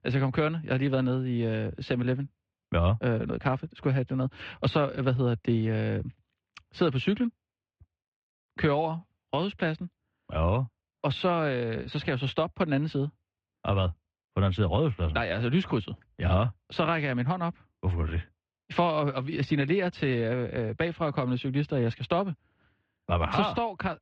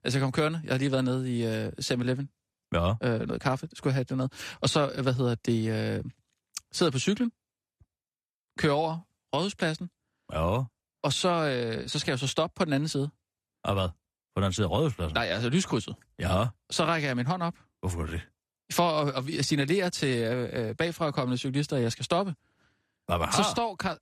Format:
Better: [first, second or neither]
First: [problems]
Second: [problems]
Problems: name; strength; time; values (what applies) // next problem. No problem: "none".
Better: second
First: muffled; slightly; fading above 3 kHz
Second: none